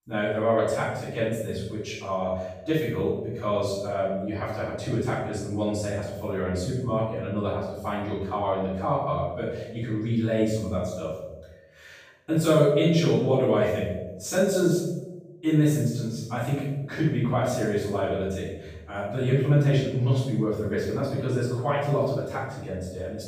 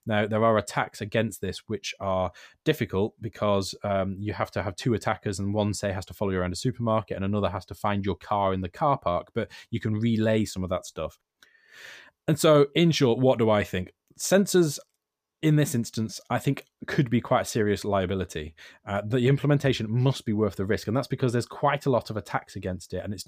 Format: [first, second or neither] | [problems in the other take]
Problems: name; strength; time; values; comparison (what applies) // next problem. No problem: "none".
second | off-mic speech; far // room echo; strong; dies away in 0.9 s